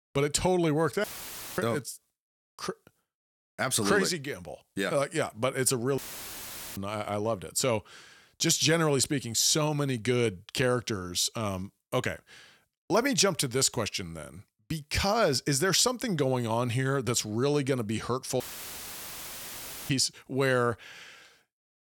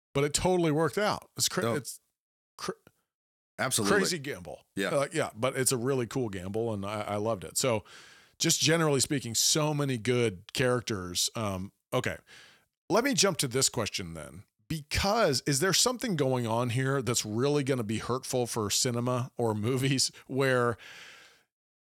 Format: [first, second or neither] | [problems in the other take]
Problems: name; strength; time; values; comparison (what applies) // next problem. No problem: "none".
second | audio cutting out; filled with static; at 1 s for 0.5 s, at 6 s for 1 s and at 18 s for 1.5 s